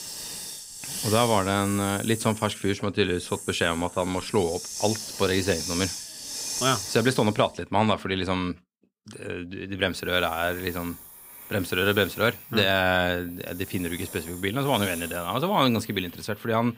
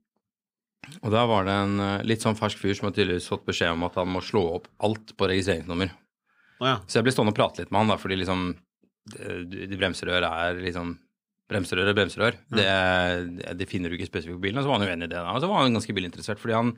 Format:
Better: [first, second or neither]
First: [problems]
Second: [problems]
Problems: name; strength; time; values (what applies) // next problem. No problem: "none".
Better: second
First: hiss; loud; throughout; 9 dB below the speech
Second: none